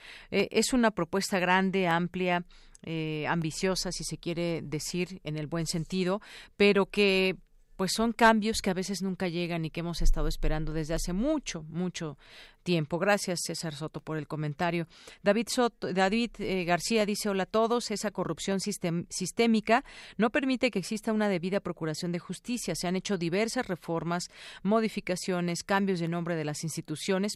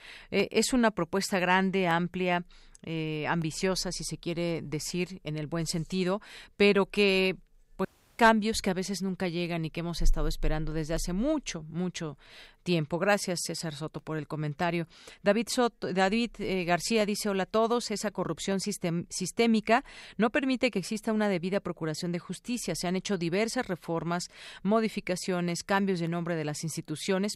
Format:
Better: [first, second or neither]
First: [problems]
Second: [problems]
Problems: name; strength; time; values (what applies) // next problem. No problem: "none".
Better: first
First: none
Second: audio cutting out; at 8 s